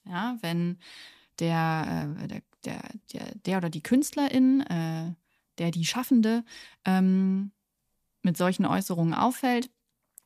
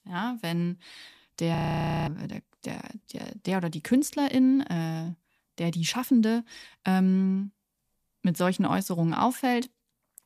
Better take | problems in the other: first | audio freezing; at 1.5 s for 0.5 s

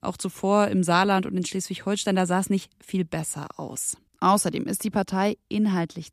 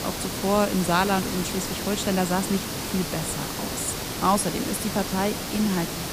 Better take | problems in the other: first | hiss; loud; throughout; 3 dB below the speech

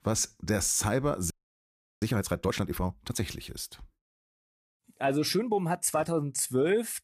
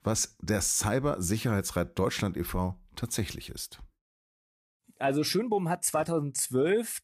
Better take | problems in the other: second | audio freezing; at 1.5 s for 0.5 s

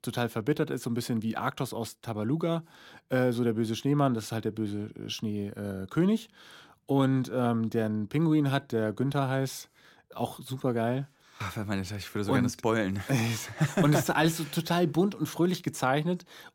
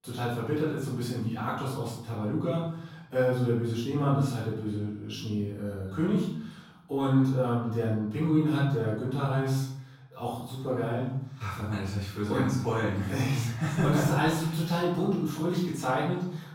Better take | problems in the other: first | off-mic speech; far // room echo; noticeable; dies away in 0.8 s

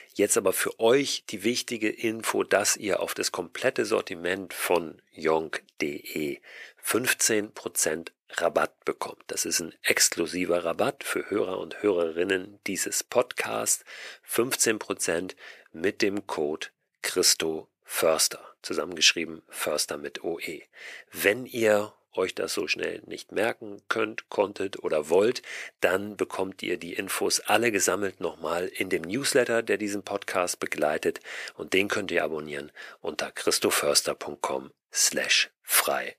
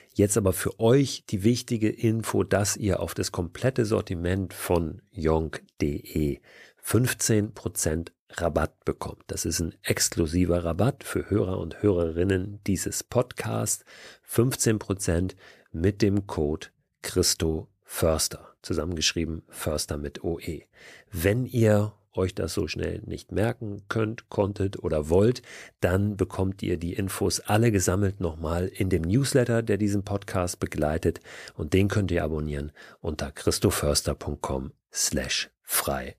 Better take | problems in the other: second | thin; somewhat; fading below 400 Hz

